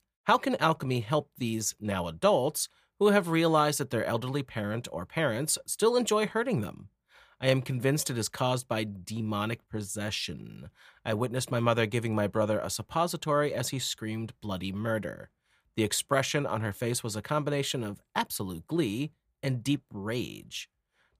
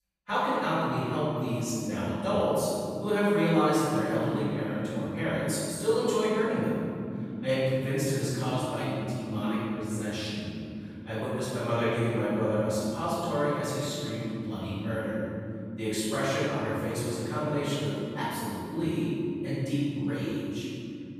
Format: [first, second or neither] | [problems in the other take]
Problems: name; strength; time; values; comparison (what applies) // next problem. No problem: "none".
first | off-mic speech; far // room echo; strong; dies away in 3 s